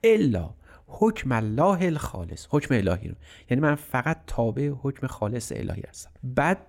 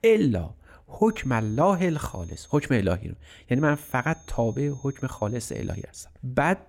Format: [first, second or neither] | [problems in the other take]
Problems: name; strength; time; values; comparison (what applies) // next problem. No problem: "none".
first | high-pitched whine; faint; from 1 to 2.5 s and from 3.5 to 6 s; 6.5 kHz, 25 dB below the speech